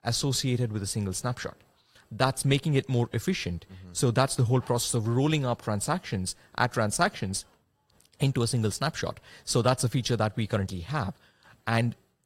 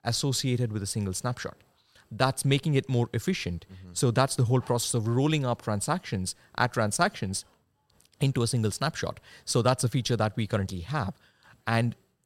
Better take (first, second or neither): second